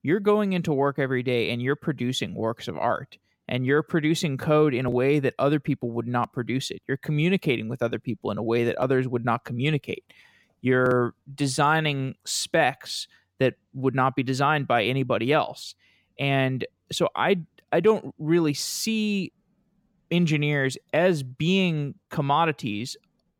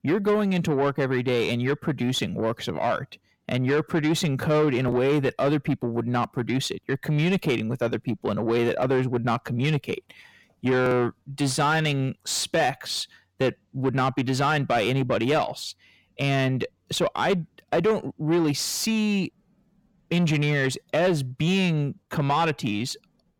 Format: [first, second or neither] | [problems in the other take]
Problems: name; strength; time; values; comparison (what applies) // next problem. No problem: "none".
first | distortion; slight; 10 dB below the speech